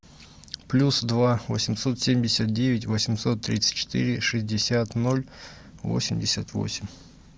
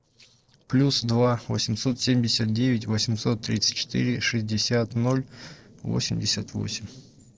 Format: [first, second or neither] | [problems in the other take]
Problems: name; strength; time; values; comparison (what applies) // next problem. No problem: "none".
first | noise reduction (neural separator model SepFormer DNS4)